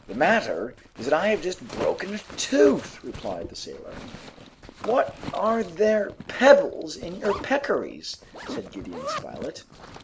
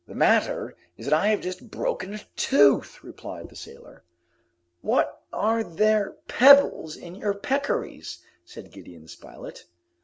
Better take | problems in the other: second | background sound (Zipper (clothing)); 15 dB below the speech

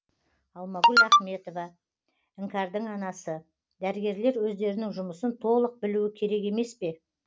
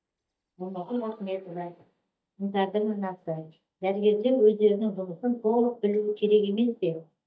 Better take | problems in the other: first | noise reduction (neural mask model DeepFilterNet 3)

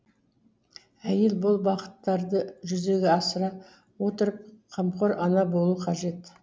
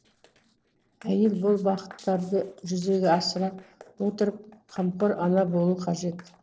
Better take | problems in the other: first | noise reduction (neural separator model SepFormer DNS4)

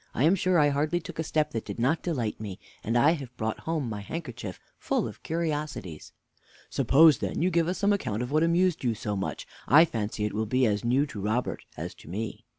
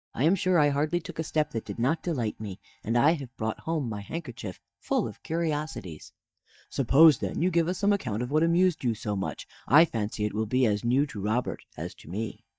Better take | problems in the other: first | noise reduction (neural mask model DeepFilterNet 3)

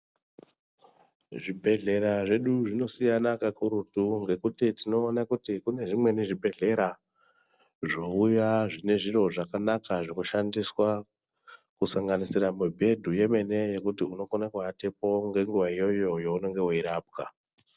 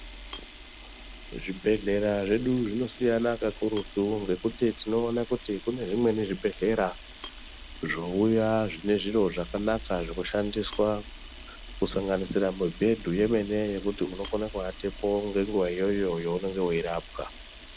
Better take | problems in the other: first | background sound (Camera); 15 dB below the speech

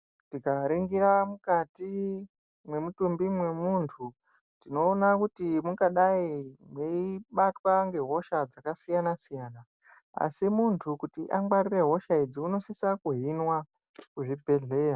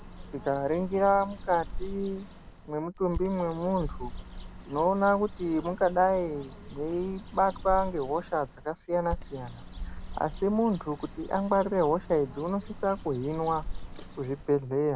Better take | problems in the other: first | background sound (Bird); 11 dB below the speech

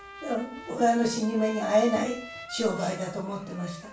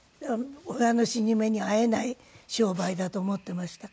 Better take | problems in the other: second | background sound (Trumpet); 15 dB below the speech // room echo; dies away in 0.3 s

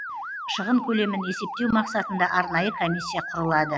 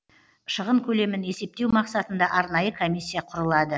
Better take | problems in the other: second | background sound (Motor vehicle (road) / Siren); 8 dB below the speech

